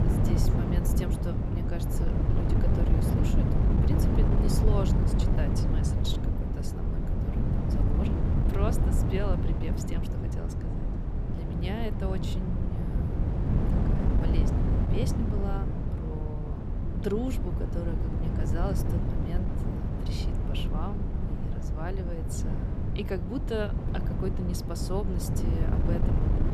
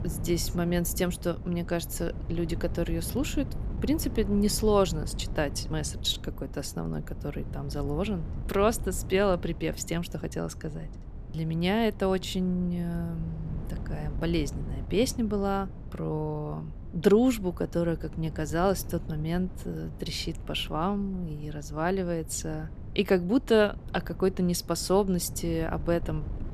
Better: second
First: wind noise on the microphone; heavy; 1 dB above the speech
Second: wind noise on the microphone; occasional gusts; 20 dB below the speech

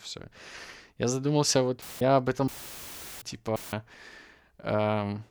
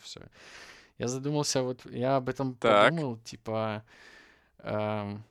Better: second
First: audio cutting out; filled with static; at 2 s, at 2.5 s for 0.5 s and at 3.5 s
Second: none

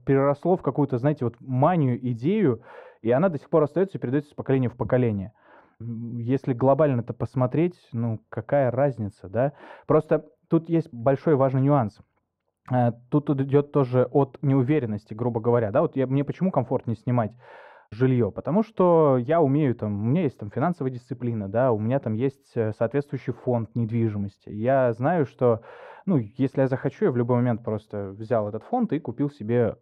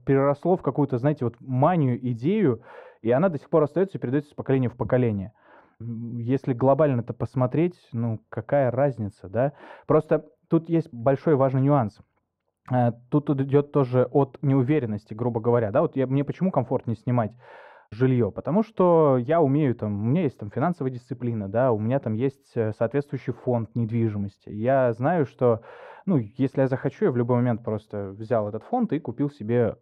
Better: neither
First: muffled; very; fading above 2 kHz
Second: muffled; very; fading above 2 kHz

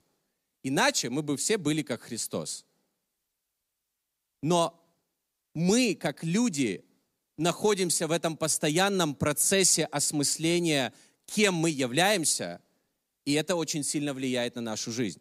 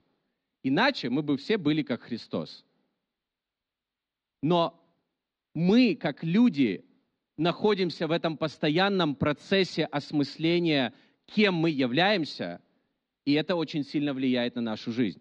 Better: first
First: none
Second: muffled; slightly; fading above 4 kHz

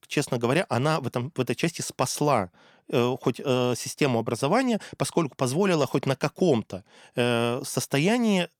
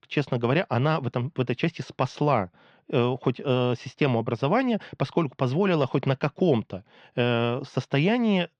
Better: first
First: none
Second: muffled; slightly; fading above 4 kHz

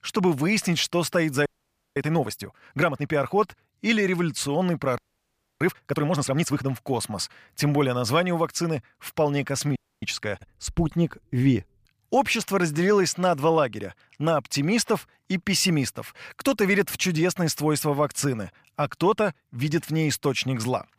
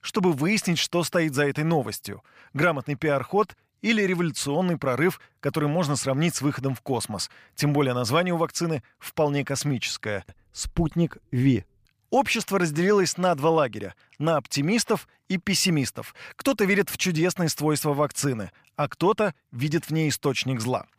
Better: second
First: audio freezing; at 1.5 s for 0.5 s, at 5 s for 0.5 s and at 10 s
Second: none

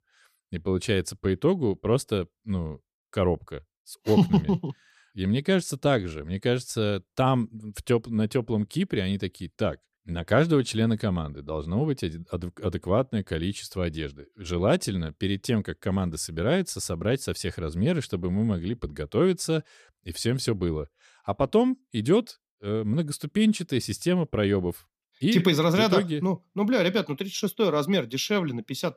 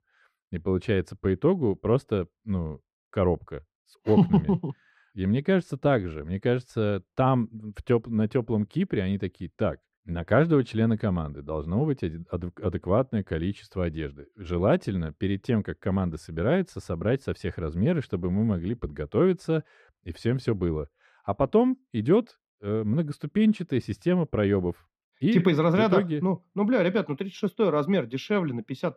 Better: first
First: none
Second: muffled; very; fading above 3.5 kHz

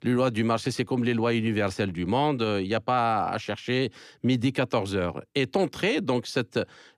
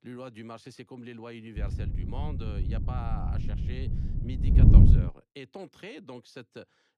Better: first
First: none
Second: wind noise on the microphone; heavy; from 1.5 to 5 s; 5 dB above the speech

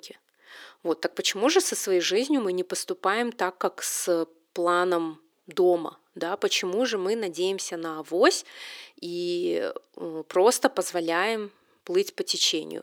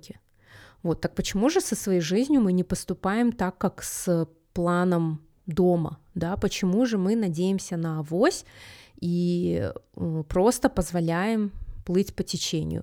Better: second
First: thin; somewhat; fading below 350 Hz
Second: none

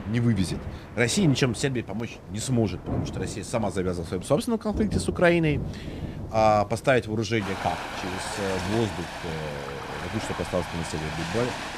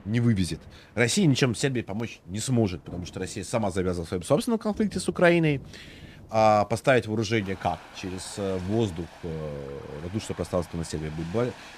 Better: second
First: rain or running water; loud; throughout; 8 dB below the speech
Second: rain or running water; faint; throughout; 20 dB below the speech

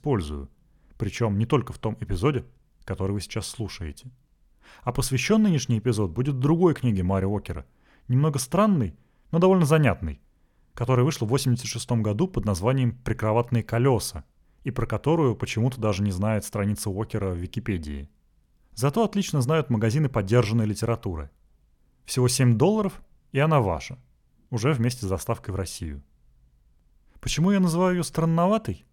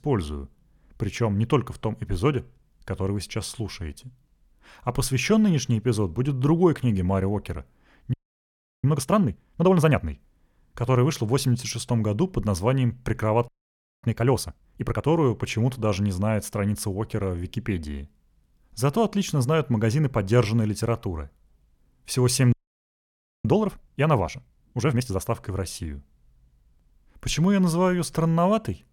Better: first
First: none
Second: audio freezing; at 8 s for 0.5 s, at 13 s for 0.5 s and at 23 s for 1 s

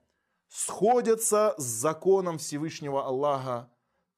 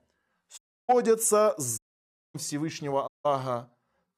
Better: first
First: none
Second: audio cutting out; at 0.5 s, at 2 s for 0.5 s and at 3 s

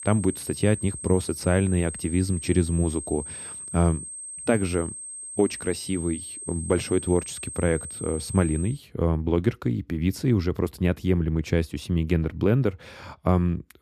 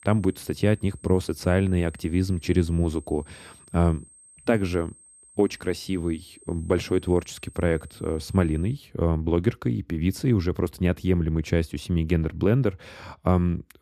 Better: second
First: high-pitched whine; loud; until 8.5 s; 8.5 kHz, 9 dB below the speech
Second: high-pitched whine; faint; until 8.5 s; 8.5 kHz, 25 dB below the speech

